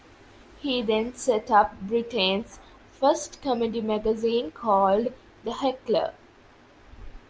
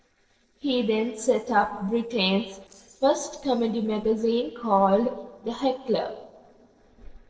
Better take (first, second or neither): first